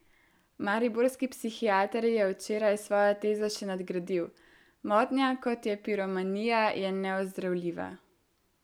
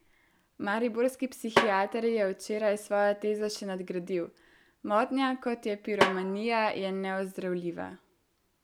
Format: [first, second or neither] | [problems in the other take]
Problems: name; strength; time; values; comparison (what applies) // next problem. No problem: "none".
first | background sound (Snare drum); 2 dB below the speech